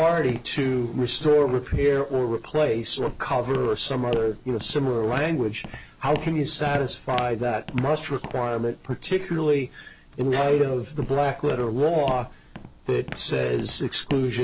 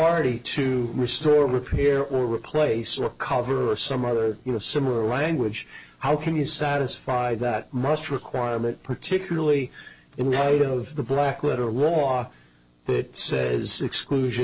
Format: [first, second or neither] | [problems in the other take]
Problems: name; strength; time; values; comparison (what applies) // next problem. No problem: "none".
second | background sound (Walk, footsteps); 16 dB below the speech